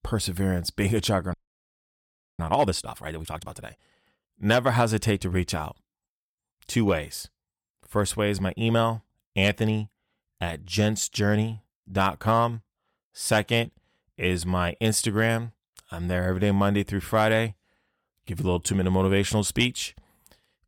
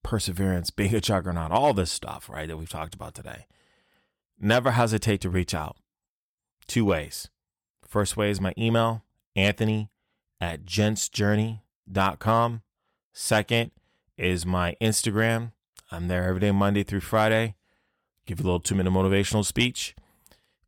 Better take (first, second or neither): second